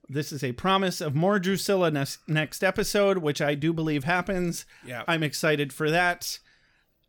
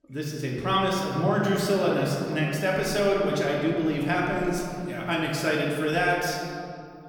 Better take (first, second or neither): first